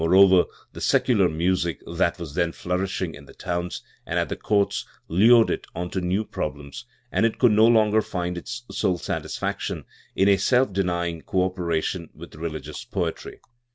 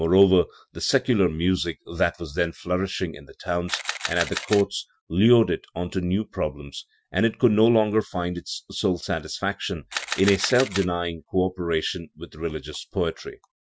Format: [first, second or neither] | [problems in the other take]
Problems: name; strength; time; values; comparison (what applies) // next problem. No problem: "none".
first | noise reduction (classical method Wiener filter)